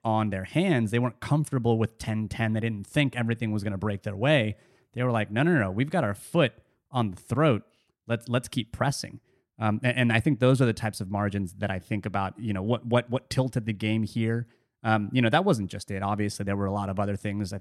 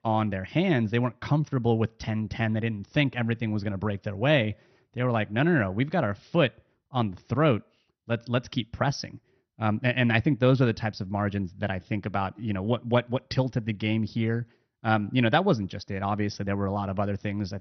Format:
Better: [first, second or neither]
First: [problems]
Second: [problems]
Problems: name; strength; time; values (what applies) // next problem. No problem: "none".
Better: first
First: none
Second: garbled, watery; slightly; nothing above 6 kHz